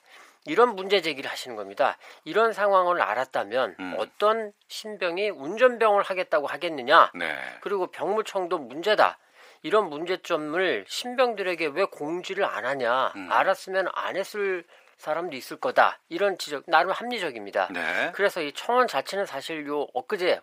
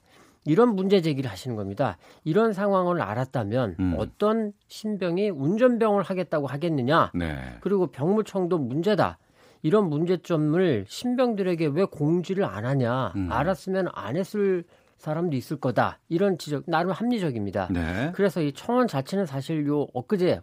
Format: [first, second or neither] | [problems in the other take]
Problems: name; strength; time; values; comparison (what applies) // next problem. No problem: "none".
second | thin; very; fading below 650 Hz